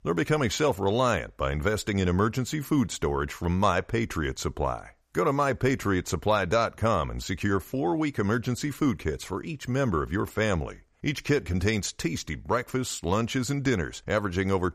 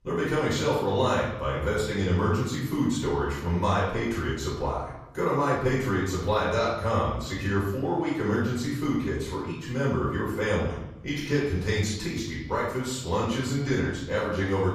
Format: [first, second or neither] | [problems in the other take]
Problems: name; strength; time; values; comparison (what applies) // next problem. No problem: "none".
first | off-mic speech; far // room echo; noticeable; dies away in 0.8 s